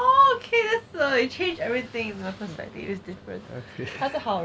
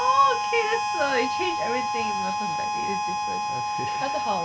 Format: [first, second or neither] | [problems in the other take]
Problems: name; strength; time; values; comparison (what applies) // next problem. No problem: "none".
first | background sound (Harmonica); 1 dB above the speech